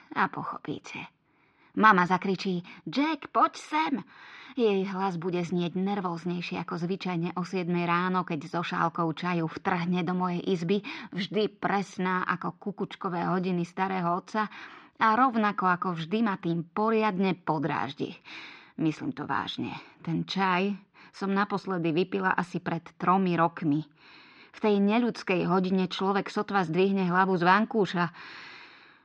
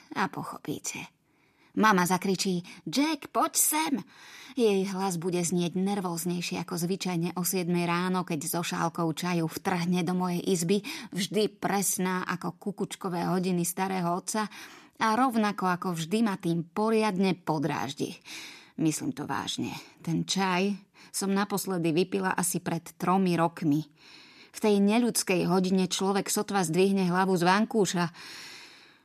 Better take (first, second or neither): second